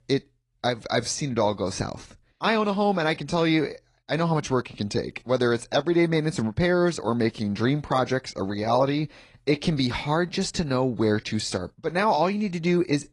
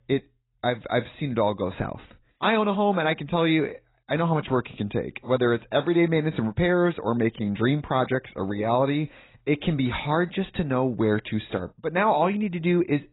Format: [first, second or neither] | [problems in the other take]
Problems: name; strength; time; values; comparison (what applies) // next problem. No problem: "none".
first | garbled, watery; badly; nothing above 4 kHz; slightly in the first